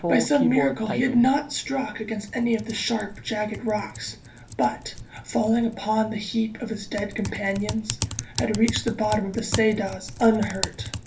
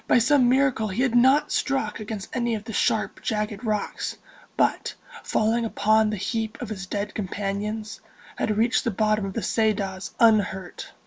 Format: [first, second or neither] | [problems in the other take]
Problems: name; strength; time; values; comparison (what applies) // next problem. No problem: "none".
second | background sound (Typing); 9 dB below the speech // room echo; dies away in 0.3 s